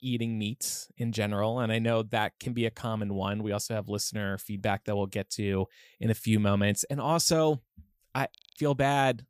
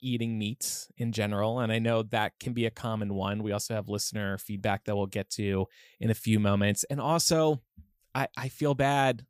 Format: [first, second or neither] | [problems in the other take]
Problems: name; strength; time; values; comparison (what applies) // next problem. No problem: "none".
second | audio freezing; at 8.5 s